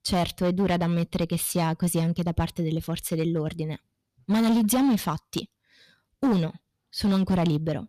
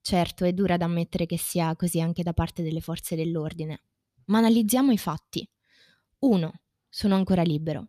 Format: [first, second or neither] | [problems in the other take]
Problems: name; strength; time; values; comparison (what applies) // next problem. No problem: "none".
second | distortion; slight; 9% of the sound clipped